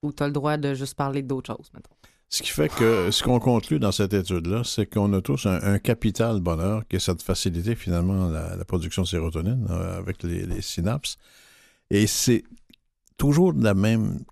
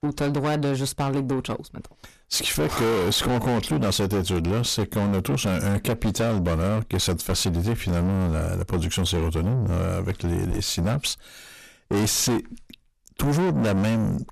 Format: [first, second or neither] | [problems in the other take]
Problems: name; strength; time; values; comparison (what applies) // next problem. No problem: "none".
first | distortion; heavy; 6 dB below the speech